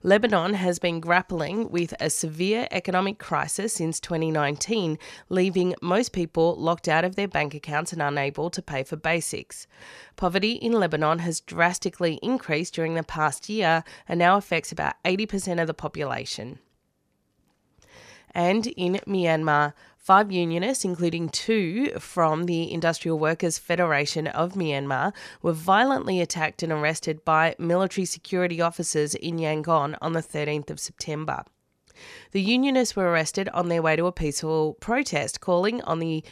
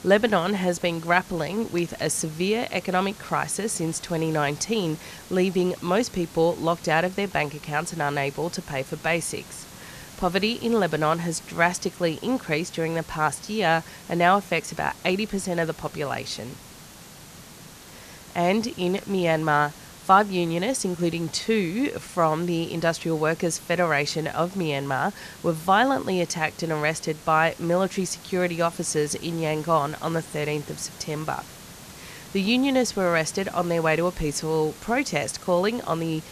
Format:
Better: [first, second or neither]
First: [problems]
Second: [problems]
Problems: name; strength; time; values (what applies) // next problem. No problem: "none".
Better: first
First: none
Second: hiss; noticeable; throughout; 20 dB below the speech